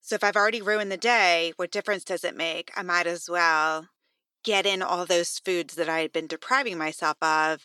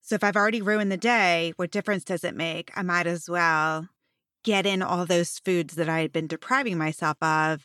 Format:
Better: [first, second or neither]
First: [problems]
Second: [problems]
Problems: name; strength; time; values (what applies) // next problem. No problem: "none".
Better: second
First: thin; somewhat; fading below 450 Hz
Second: none